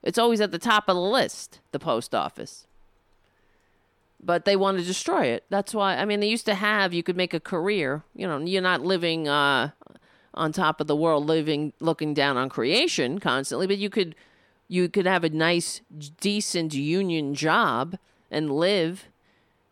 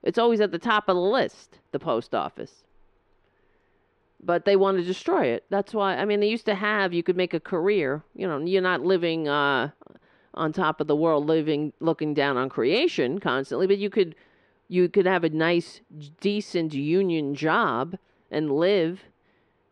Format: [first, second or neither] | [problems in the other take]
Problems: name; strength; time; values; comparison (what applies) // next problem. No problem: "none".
first | muffled; slightly; fading above 3 kHz